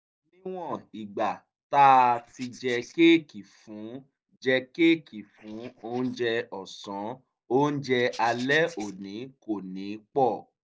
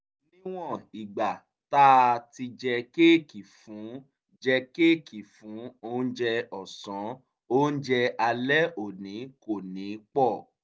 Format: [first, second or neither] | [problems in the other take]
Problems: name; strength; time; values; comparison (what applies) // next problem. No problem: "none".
second | noise reduction (neural mask model Resemble Enhance denoiser)